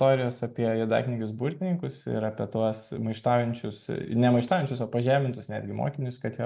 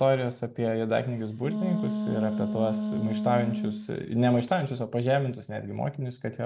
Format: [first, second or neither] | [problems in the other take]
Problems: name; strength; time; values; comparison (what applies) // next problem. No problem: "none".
first | background sound (Wind instrument, woodwind instrument); 3 dB below the speech